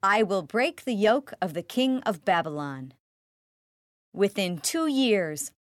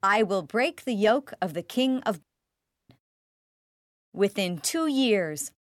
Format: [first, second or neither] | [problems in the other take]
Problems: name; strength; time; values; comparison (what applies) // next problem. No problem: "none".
first | audio cutting out; at 2 s for 0.5 s